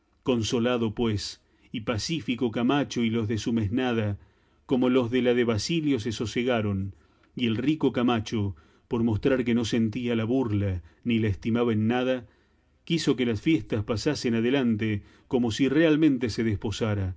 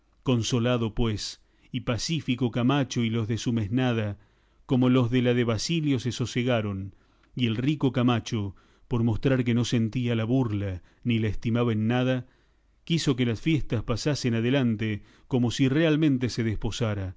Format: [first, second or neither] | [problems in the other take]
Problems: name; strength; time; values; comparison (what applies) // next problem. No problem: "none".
second | room echo; dies away in 0.3 s